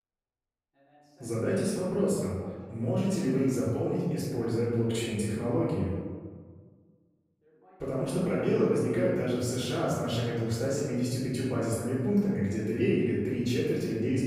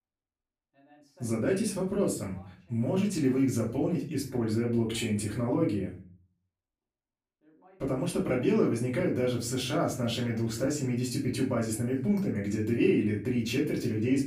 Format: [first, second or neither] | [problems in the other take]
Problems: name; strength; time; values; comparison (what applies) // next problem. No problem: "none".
second | room echo; strong; dies away in 1.4 s; slight in the second // off-mic speech; far; far in the second